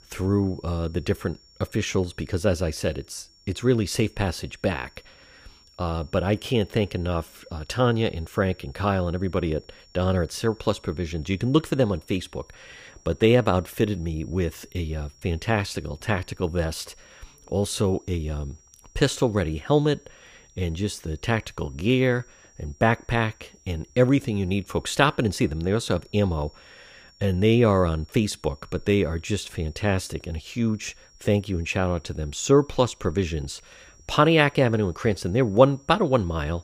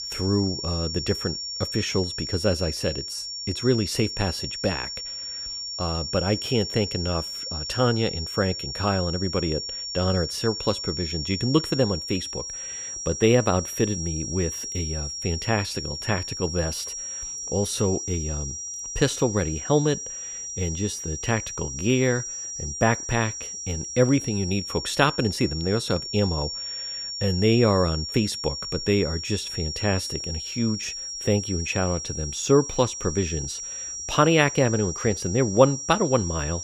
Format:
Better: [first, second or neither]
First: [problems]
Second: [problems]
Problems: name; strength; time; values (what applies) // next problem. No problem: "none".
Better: first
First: high-pitched whine; faint; throughout; 5.5 kHz, 30 dB below the speech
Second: high-pitched whine; loud; throughout; 5.5 kHz, 5 dB below the speech